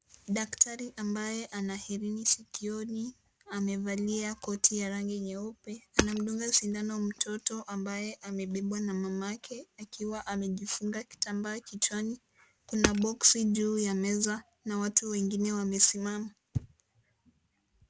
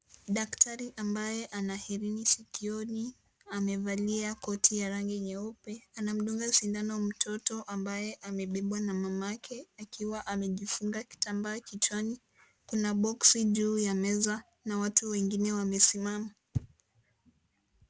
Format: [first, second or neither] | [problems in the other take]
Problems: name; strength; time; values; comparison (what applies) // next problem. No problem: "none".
second | background sound (Hammer); 6 dB below the speech